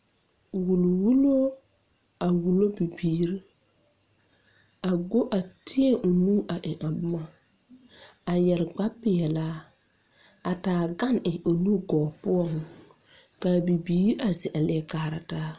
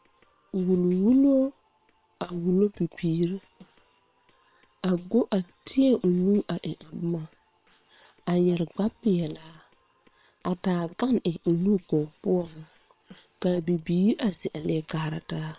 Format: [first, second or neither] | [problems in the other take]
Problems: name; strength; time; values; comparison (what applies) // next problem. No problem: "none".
first | noise reduction (neural separator model SepFormer WHAM!)